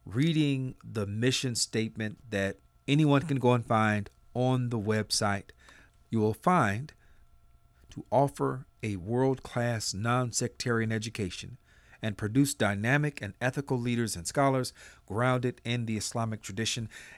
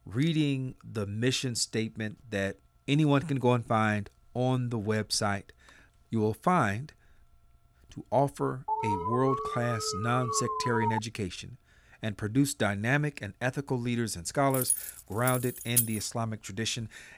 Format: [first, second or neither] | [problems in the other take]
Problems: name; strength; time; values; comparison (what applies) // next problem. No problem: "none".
first | alarm; noticeable; from 8.5 to 11 s; peak 1 dB below the speech // jangling keys; loud; from 15 to 16 s; peak 3 dB above the speech